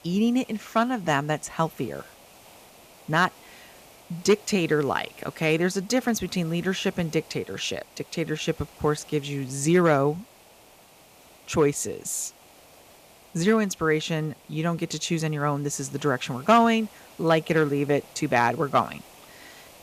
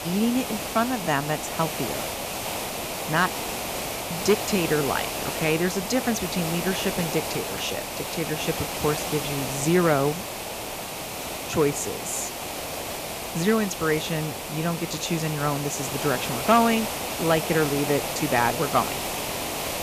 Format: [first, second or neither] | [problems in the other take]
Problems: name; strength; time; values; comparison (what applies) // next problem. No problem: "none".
first | hiss; loud; throughout; 4 dB below the speech; faint in the first